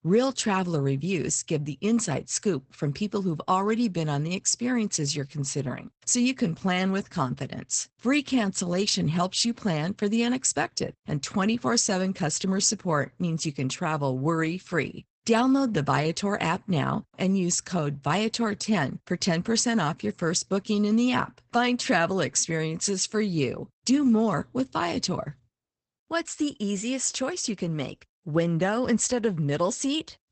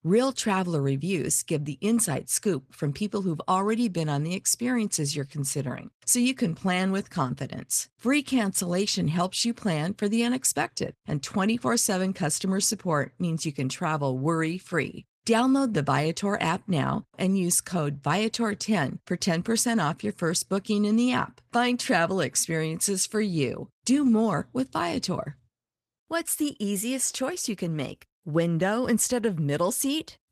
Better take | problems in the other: second | garbled, watery; badly; nothing above 8 kHz; slightly in the second

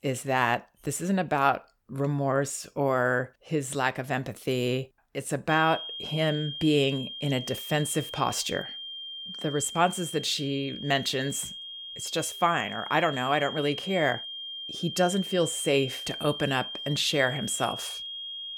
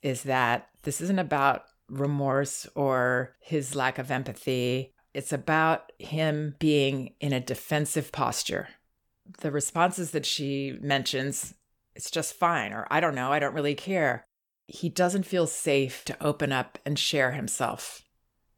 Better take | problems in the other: second | high-pitched whine; loud; from 5.5 s on; 3 kHz, 8 dB below the speech

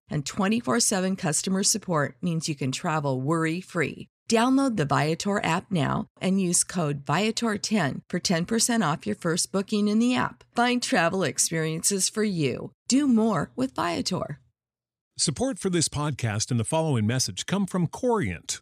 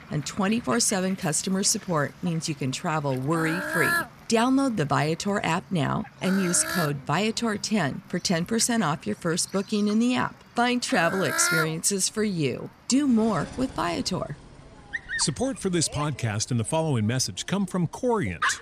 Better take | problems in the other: first | animal sounds; loud; throughout; 6 dB below the speech

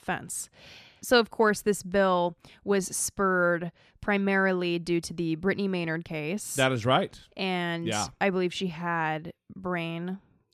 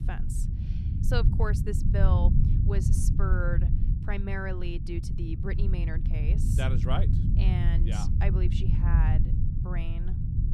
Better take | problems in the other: first | low rumble; loud; throughout; 4 dB below the speech

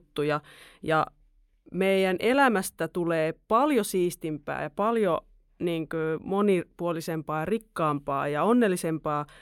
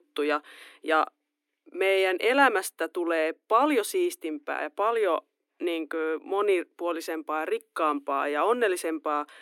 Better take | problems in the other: first | thin; somewhat; fading below 300 Hz

